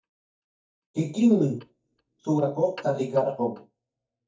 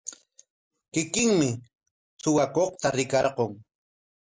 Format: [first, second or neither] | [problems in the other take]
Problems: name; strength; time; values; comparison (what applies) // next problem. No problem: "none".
second | noise reduction (neural mask model DeepFilterNet 3)